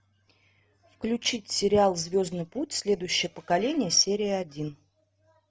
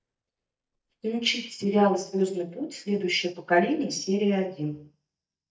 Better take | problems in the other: first | noise reduction (neural mask model DeepFilterNet 3)

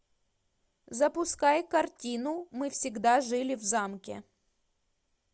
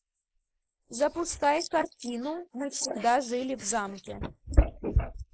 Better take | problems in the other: first | noise reduction (neural mask model Resemble Enhance denoiser)

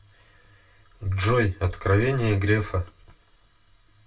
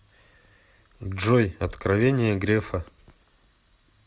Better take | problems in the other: second | room echo; dies away in 0.2 s

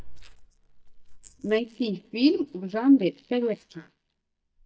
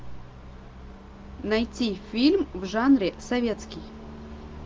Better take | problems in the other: second | noise reduction (neural mask model DeepFilterNet 3)

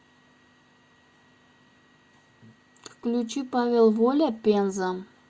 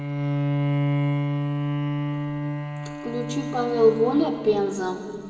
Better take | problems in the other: first | background sound (Bowed string instrument); as loud as the speech // room echo; dies away in 2.4 s

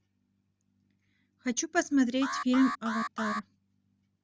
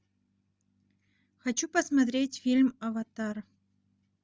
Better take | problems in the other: second | background sound (Alarm); 5 dB below the speech

